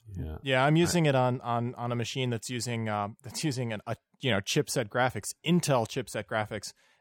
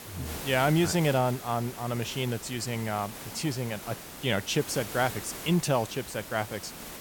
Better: first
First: none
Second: hiss; noticeable; throughout; 10 dB below the speech

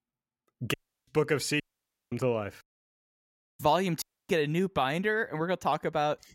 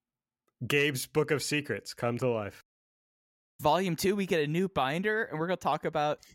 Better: second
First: audio cutting out; at 0.5 s, at 1.5 s for 0.5 s and at 4 s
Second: none

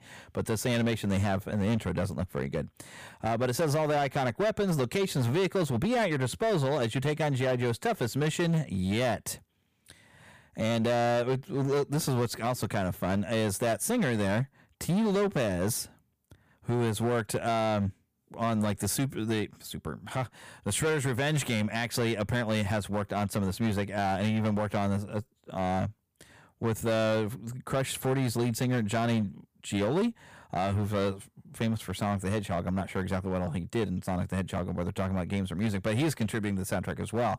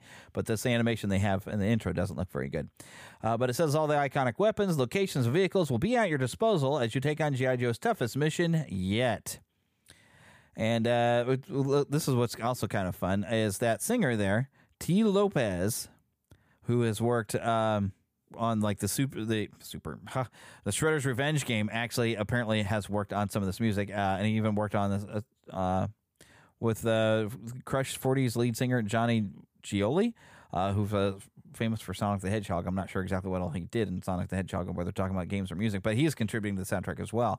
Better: second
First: distortion; slight; 11% of the sound clipped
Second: none

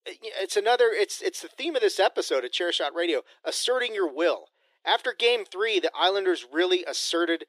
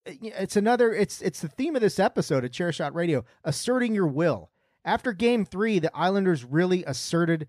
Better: second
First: thin; very; fading below 350 Hz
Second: none

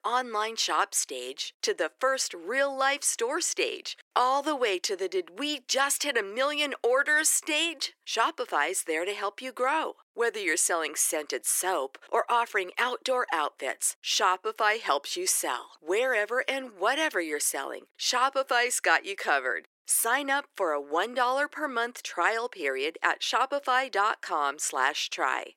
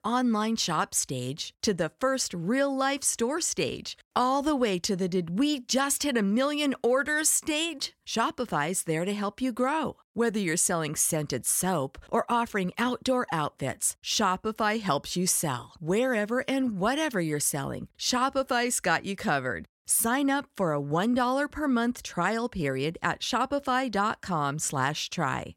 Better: second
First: thin; very; fading below 350 Hz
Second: none

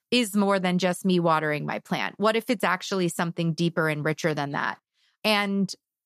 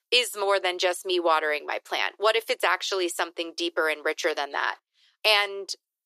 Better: first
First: none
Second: thin; very; fading below 350 Hz

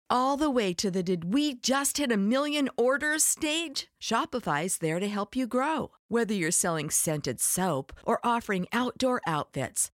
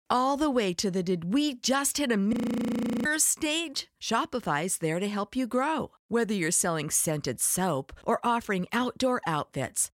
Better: first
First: none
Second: audio freezing; at 2.5 s for 0.5 s

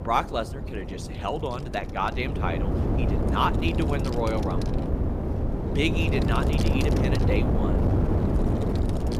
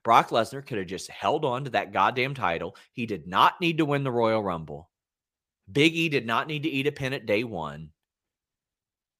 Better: second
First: wind noise on the microphone; heavy; 3 dB below the speech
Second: none

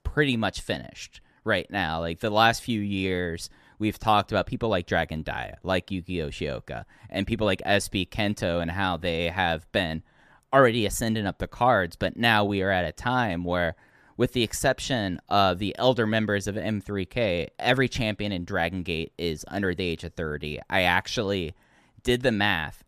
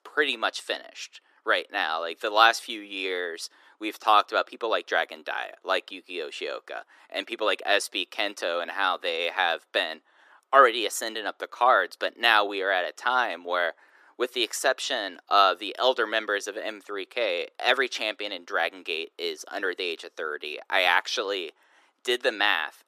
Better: first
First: none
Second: thin; very; fading below 350 Hz

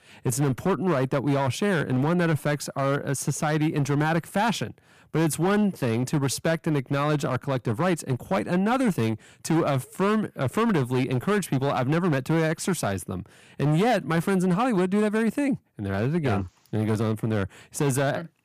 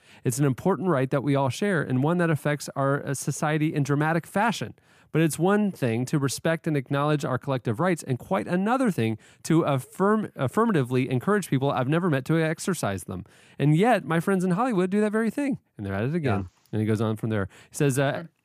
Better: second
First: distortion; slight; 11% of the sound clipped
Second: none

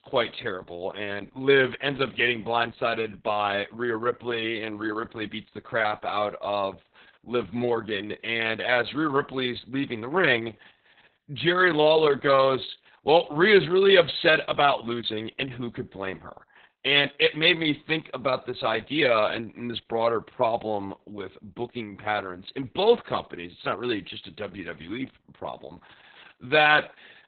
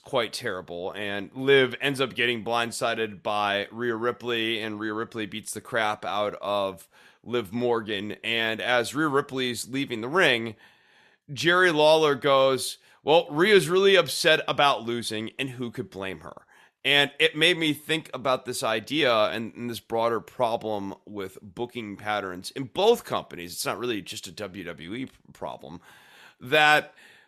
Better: second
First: garbled, watery; badly; nothing above 4 kHz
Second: none

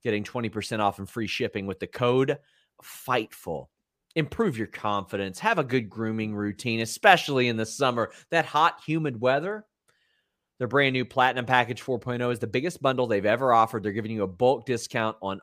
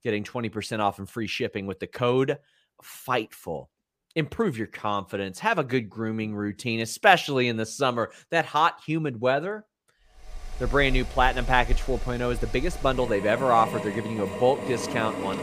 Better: first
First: none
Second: machinery noise; loud; from 10 s on; 9 dB below the speech

